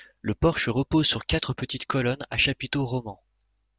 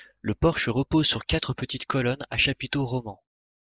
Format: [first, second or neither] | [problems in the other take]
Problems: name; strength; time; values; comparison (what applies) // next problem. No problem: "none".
first | noise reduction (neural mask model Resemble Enhance denoiser)